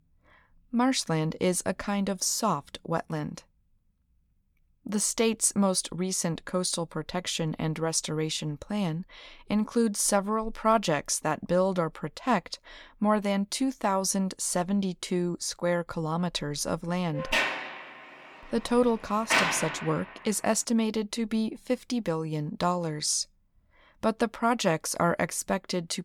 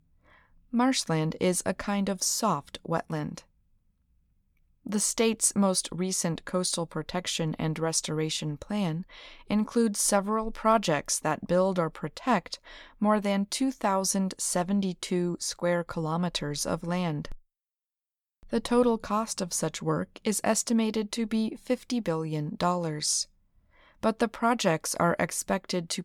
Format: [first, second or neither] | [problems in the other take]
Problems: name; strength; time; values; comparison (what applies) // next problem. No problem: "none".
second | door banging; loud; from 17 to 20 s; peak 4 dB above the speech